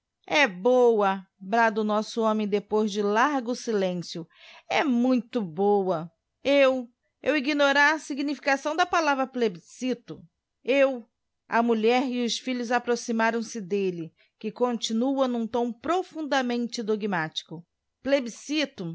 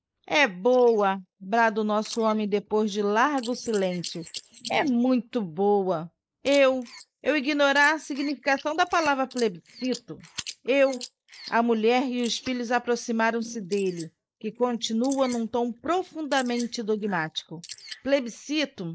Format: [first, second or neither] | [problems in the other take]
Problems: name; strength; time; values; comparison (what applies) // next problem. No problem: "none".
first | noise reduction (neural mask model Resemble Enhance denoiser)